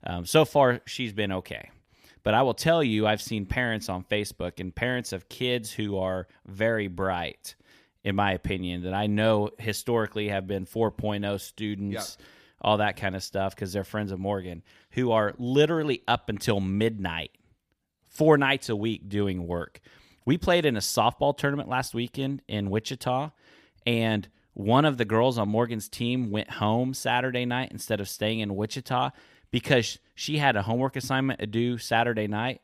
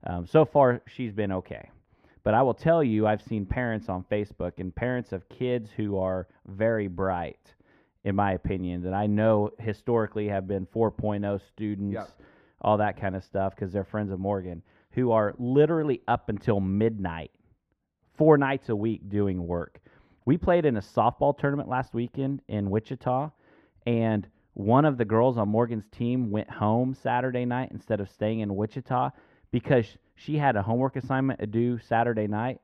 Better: first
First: none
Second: muffled; very; fading above 3 kHz

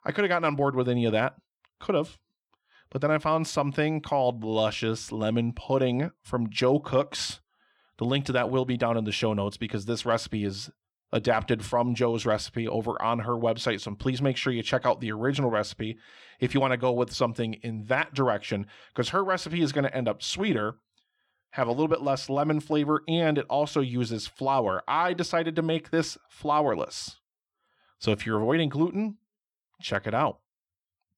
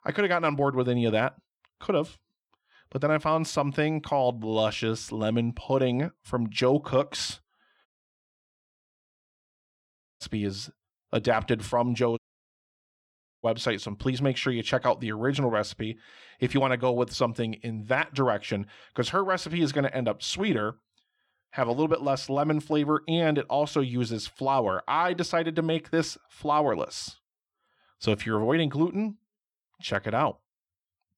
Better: first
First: none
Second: audio cutting out; at 8 s for 2.5 s and at 12 s for 1.5 s

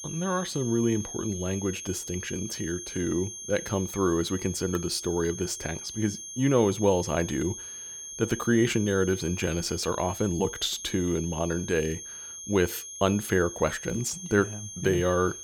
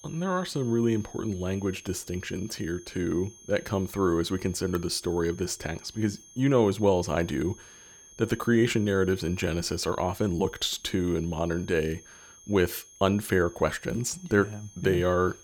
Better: second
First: high-pitched whine; loud; throughout; 6.5 kHz, 9 dB below the speech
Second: high-pitched whine; faint; throughout; 6.5 kHz, 20 dB below the speech

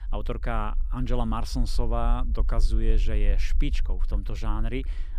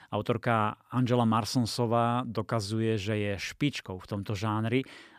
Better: second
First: low rumble; faint; throughout; 20 dB below the speech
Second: none

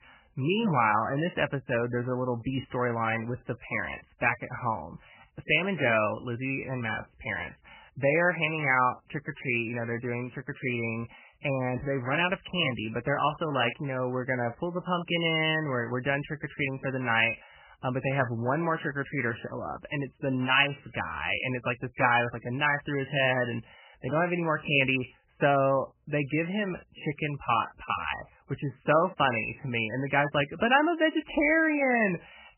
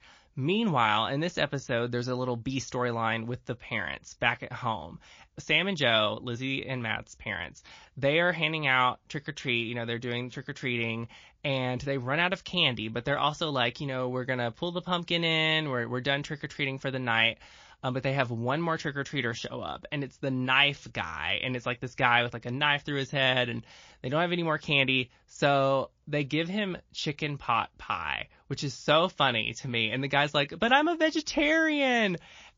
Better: second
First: garbled, watery; badly; nothing above 3 kHz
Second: garbled, watery; slightly; nothing above 6 kHz

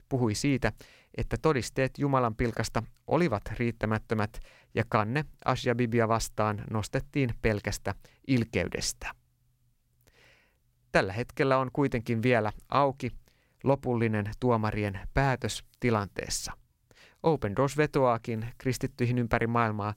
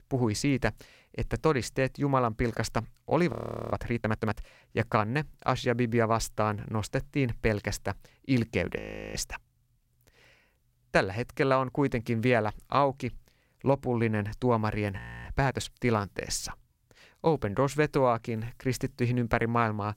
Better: first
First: none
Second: audio freezing; at 3.5 s, at 9 s and at 15 s

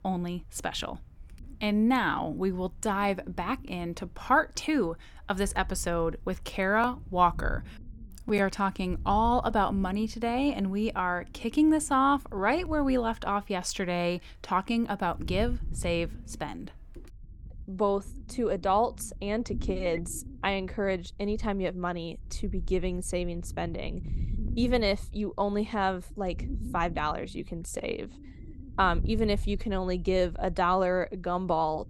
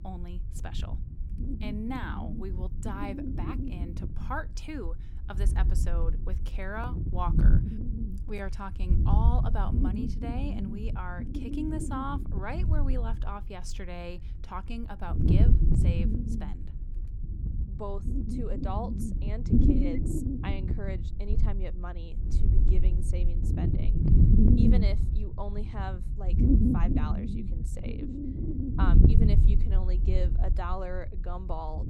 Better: first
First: wind noise on the microphone; occasional gusts; 25 dB below the speech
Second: wind noise on the microphone; heavy; as loud as the speech

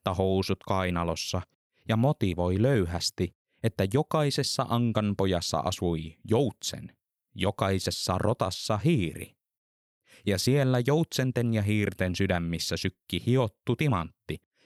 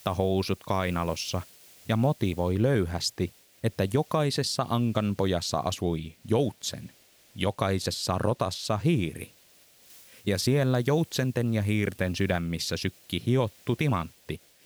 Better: first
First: none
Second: hiss; faint; throughout; 25 dB below the speech

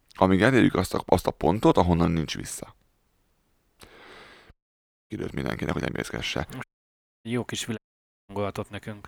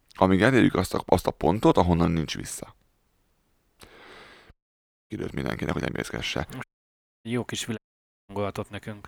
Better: neither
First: audio cutting out; at 4.5 s for 0.5 s, at 6.5 s for 0.5 s and at 8 s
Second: audio cutting out; at 4.5 s for 0.5 s, at 6.5 s for 0.5 s and at 8 s

